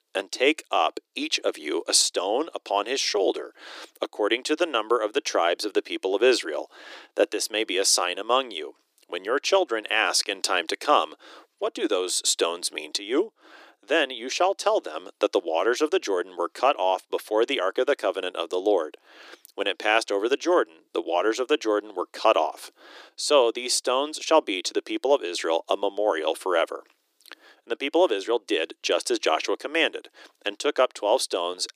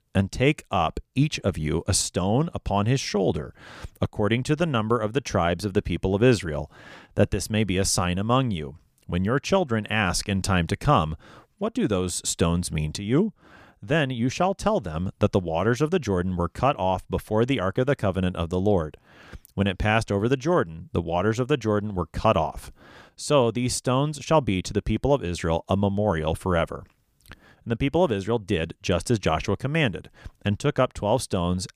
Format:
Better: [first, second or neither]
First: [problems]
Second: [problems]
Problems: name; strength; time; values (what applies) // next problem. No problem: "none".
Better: second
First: thin; very; fading below 300 Hz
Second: none